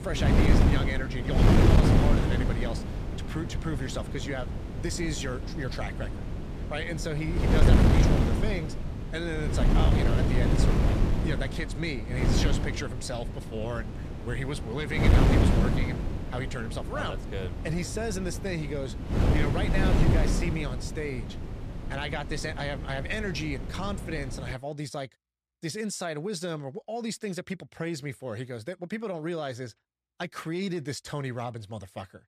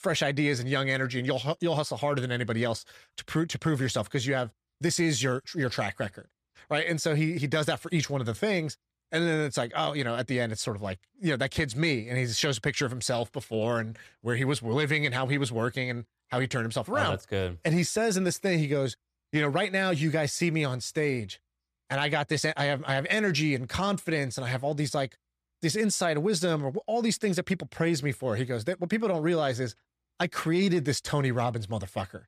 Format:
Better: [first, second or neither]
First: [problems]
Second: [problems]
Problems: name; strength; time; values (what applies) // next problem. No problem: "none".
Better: second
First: wind noise on the microphone; heavy; until 25 s; 1 dB above the speech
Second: none